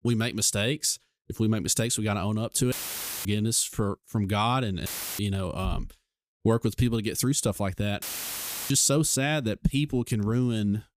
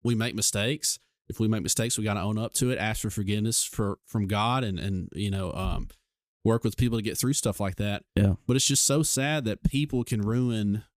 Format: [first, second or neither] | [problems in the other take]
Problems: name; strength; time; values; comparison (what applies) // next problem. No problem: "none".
second | audio cutting out; filled with static; at 2.5 s for 0.5 s, at 5 s and at 8 s for 0.5 s